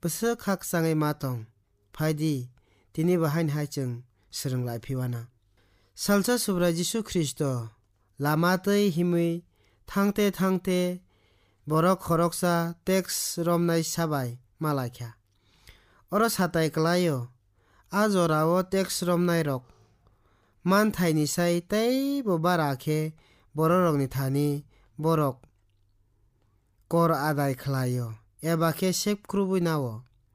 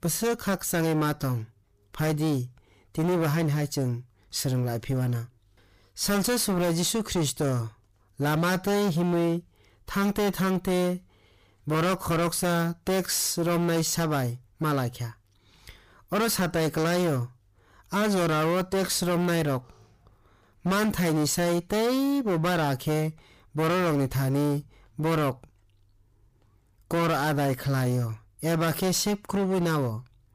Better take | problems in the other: first | distortion; heavy; 20% of the sound clipped

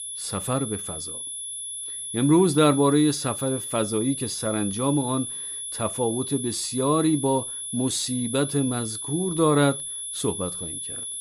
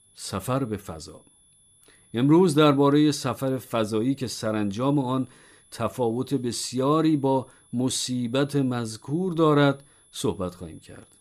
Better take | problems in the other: second | high-pitched whine; loud; throughout; 10.5 kHz, 6 dB below the speech; faint in the second

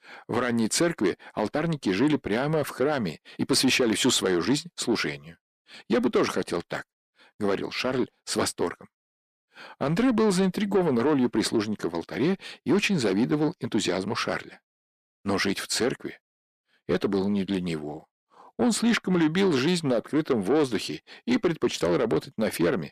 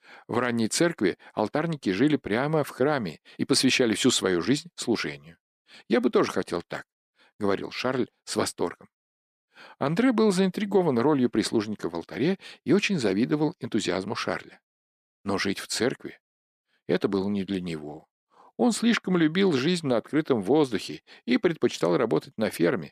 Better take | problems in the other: second | distortion; slight; 10 dB below the speech

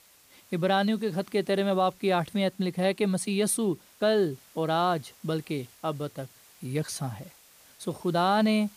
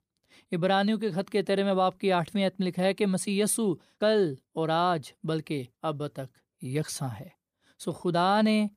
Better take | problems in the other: second | hiss; faint; throughout; 25 dB below the speech

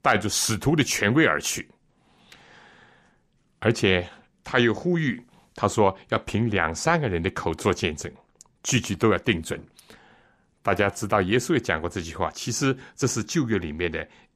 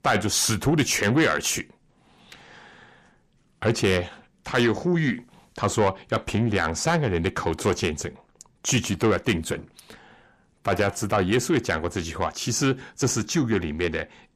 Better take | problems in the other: first | distortion; slight; 10 dB below the speech

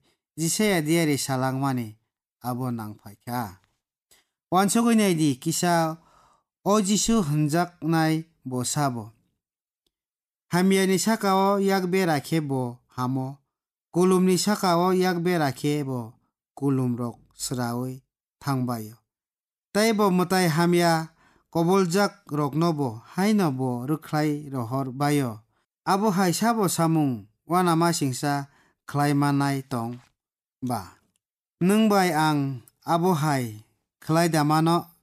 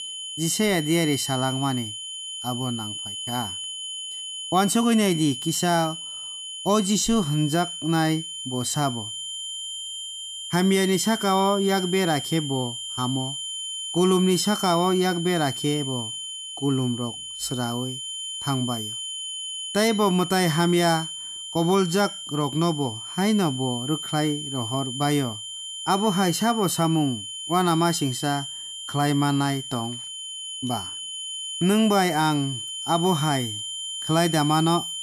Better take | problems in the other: first | high-pitched whine; loud; throughout; 3 kHz, 7 dB below the speech

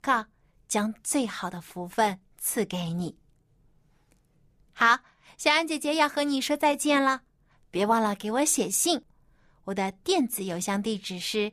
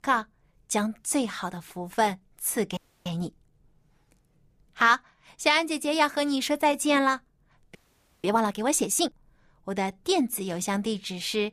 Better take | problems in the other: first | audio freezing; at 3 s and at 8 s

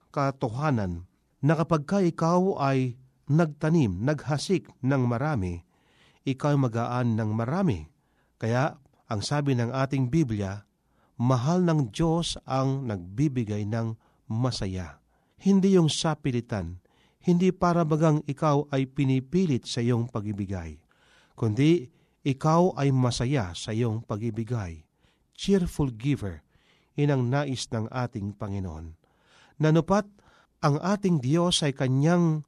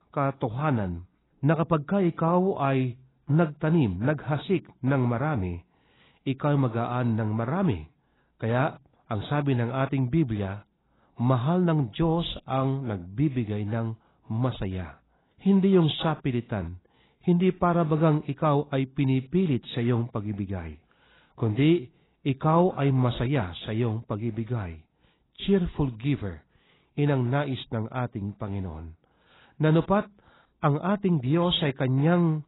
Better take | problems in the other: first | garbled, watery; badly; nothing above 4 kHz

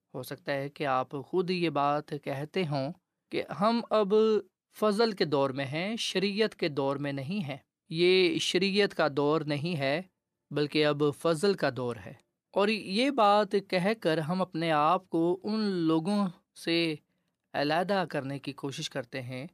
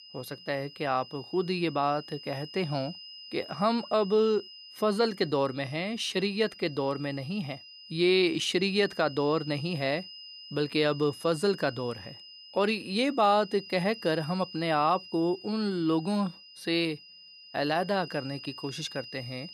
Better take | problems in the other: first | high-pitched whine; noticeable; throughout; 5 kHz, 15 dB below the speech

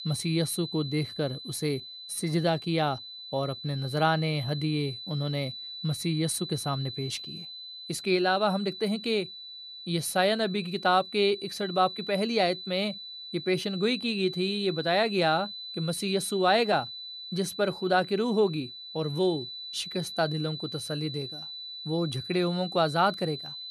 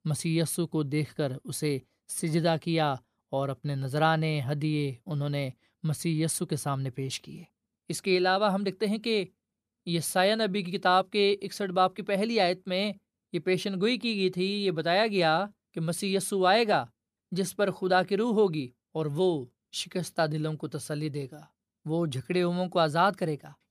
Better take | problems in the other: second | high-pitched whine; loud; throughout; 4 kHz, 9 dB below the speech

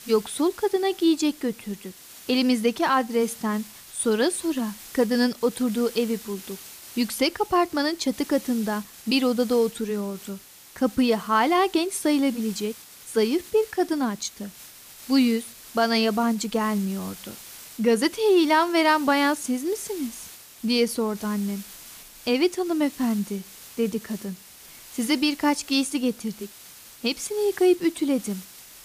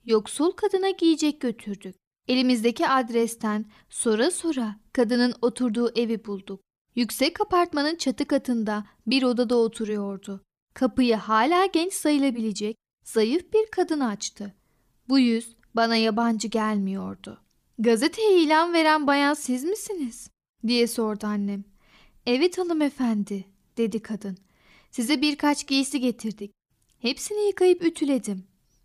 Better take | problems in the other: second | hiss; noticeable; throughout; 20 dB below the speech

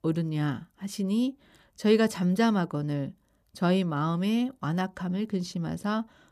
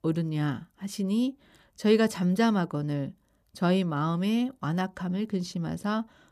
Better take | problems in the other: neither | none

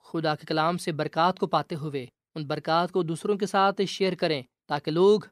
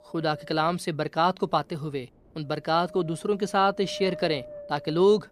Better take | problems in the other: first | wind noise on the microphone; occasional gusts; 15 dB below the speech

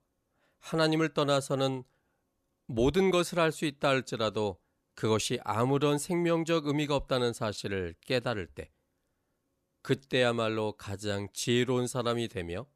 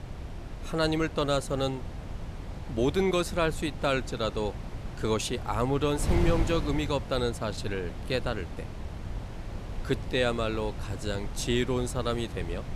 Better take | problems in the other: first | wind noise on the microphone; occasional gusts; 15 dB below the speech

